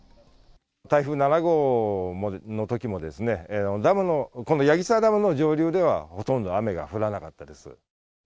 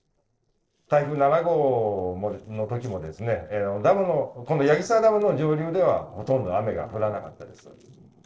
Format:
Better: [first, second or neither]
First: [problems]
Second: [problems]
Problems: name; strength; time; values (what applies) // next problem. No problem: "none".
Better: first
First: none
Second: noise reduction (neural separator model SepFormer DNS4)